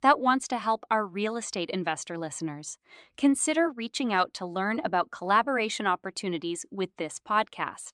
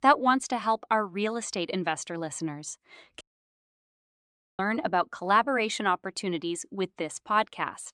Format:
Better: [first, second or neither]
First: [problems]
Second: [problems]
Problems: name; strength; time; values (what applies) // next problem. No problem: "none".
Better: first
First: none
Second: audio cutting out; at 3 s for 1.5 s